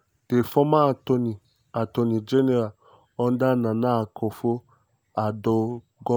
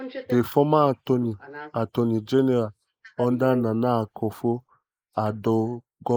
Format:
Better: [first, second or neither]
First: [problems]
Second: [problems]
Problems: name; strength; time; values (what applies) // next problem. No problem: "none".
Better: first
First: none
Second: noise reduction (neural mask model Resemble Enhance denoiser)